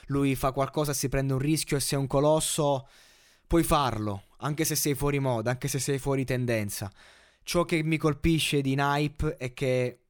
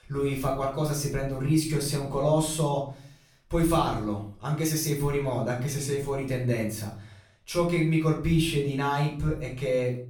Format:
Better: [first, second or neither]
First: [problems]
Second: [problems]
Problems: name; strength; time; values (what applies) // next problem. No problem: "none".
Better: first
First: none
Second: off-mic speech; far // room echo; slight; dies away in 0.4 s